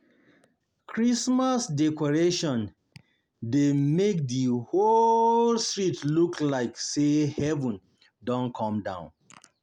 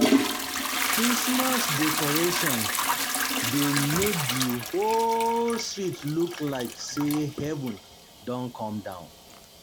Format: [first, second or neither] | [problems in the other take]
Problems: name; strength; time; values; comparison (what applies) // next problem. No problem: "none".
first | background sound (Trickle, dribble / Toilet flush / Hiss); as loud as the speech